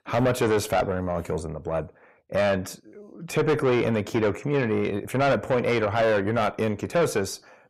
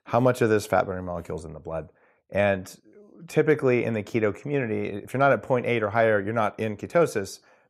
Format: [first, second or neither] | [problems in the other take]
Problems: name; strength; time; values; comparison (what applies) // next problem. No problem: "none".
second | distortion; heavy; 7 dB below the speech